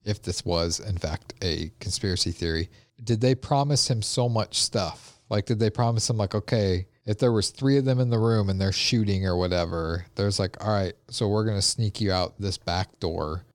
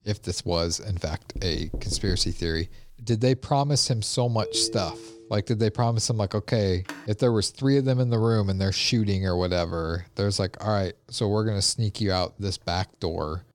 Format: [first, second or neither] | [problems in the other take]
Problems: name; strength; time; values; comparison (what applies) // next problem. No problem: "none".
first | door banging; noticeable; from 1.5 to 3 s; peak 10 dB below the speech // phone ringing; noticeable; at 4.5 s; peak 9 dB below the speech // phone ringing; faint; at 7 s; peak 15 dB below the speech